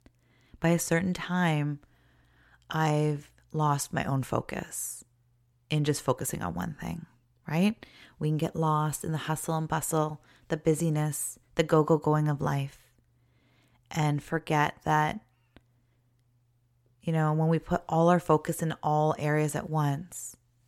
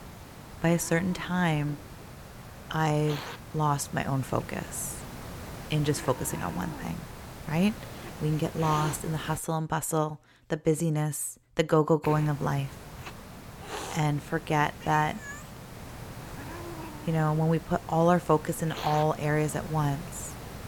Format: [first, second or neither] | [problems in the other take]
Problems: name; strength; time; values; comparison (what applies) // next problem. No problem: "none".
first | hiss; noticeable; until 9.5 s and from 12 s on; 15 dB below the speech